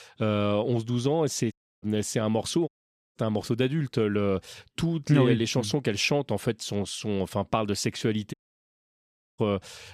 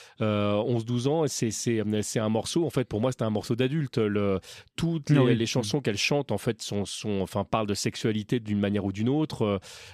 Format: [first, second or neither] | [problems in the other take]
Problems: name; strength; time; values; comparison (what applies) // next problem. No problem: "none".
second | audio cutting out; at 1.5 s, at 2.5 s and at 8.5 s for 1 s